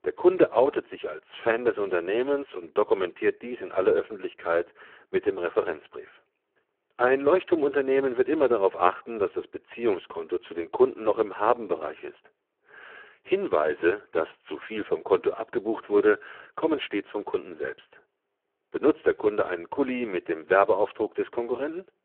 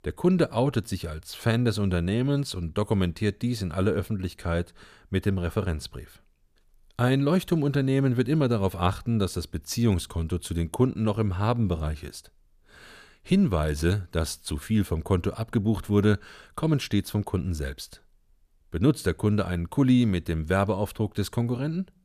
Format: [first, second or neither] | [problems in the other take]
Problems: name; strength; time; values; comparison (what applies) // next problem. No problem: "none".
second | phone-call audio; poor line